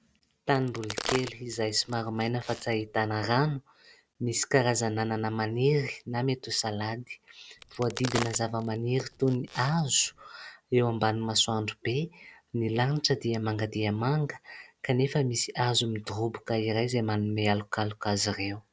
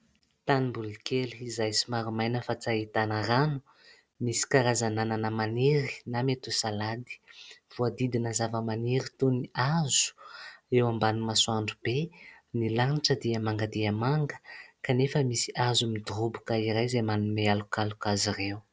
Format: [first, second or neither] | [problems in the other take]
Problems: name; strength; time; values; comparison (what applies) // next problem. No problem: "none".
second | background sound (Crack); 12 dB below the speech